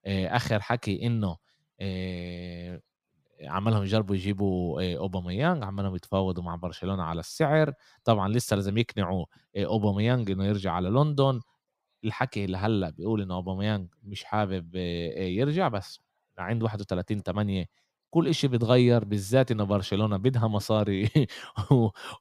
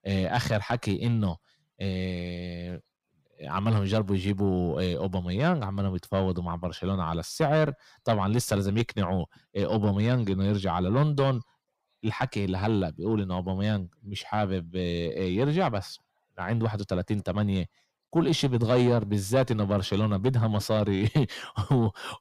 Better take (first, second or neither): first